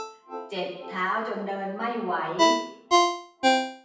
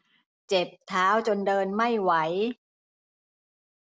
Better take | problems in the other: second | background sound (Ringtone); 5 dB above the speech // room echo; dies away in 0.8 s

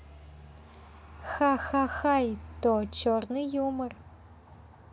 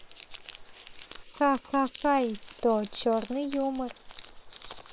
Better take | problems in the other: first | noise reduction (neural separator model SepFormer WHAM!)

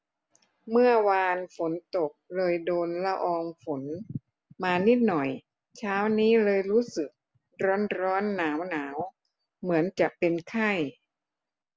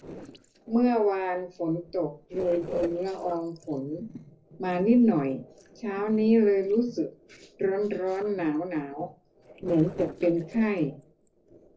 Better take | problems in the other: first | noise reduction (neural separator model SepFormer DNS4)

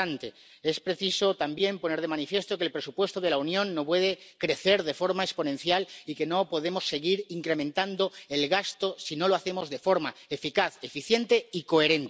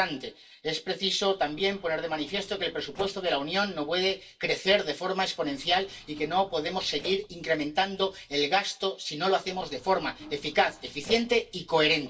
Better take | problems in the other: first | noise reduction (neural separator model SepFormer DNS4)

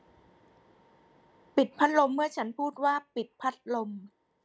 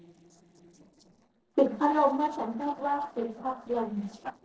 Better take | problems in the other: first | noise reduction (neural separator model SepFormer DNS4)

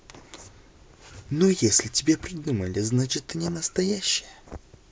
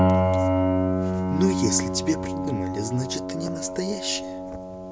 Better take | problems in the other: first | background sound (Piano); 5 dB above the speech

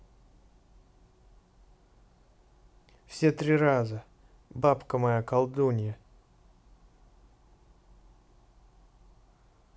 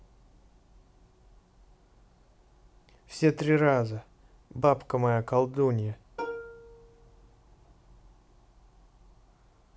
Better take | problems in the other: first | background sound (Plucked string instrument); 12 dB below the speech

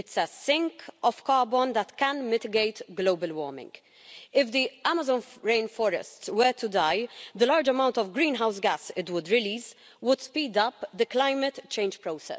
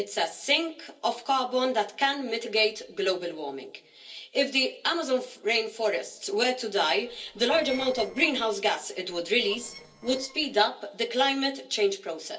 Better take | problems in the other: first | noise reduction (neural separator model SepFormer DNS4)

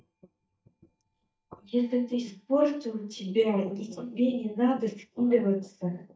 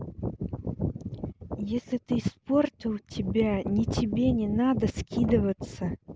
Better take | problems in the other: second | noise reduction (neural mask model DeepFilterNet 3)

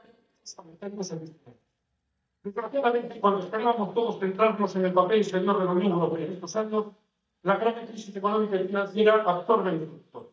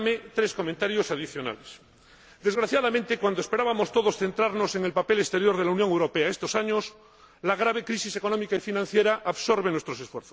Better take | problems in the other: second | noise reduction (neural mask model DeepFilterNet 3)

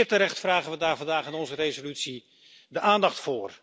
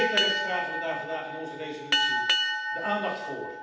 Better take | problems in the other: first | background sound (Boat, Water vehicle); 4 dB above the speech // room echo; dies away in 0.8 s

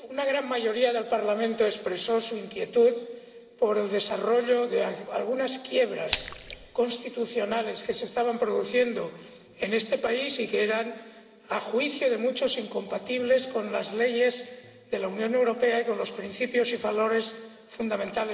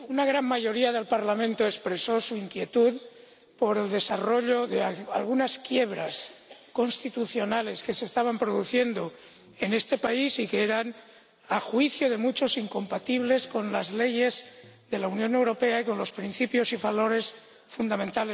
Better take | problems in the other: second | background sound (Splash, splatter); 10 dB below the speech // room echo; dies away in 2.7 s

